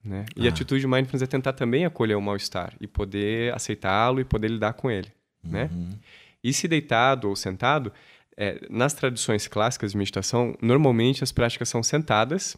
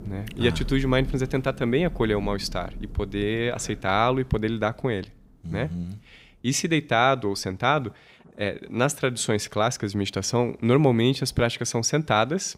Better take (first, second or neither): first